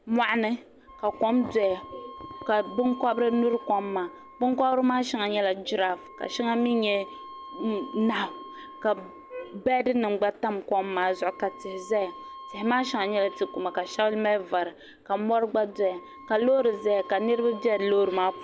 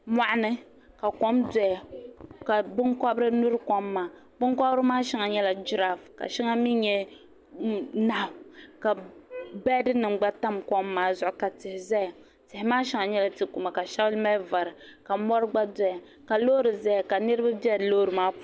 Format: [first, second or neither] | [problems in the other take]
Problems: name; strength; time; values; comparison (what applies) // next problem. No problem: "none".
second | background sound (Wind instrument, woodwind instrument); 18 dB below the speech